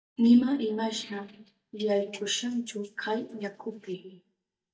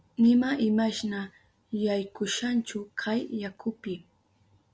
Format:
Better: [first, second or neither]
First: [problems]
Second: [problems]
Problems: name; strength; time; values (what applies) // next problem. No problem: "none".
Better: second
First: noise reduction (neural mask model DeepFilterNet 3)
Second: none